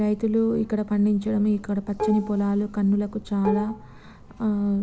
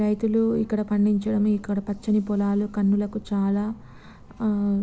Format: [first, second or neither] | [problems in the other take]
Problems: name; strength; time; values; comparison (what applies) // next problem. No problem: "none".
second | background sound (Dishes, pots, and pans); 10 dB below the speech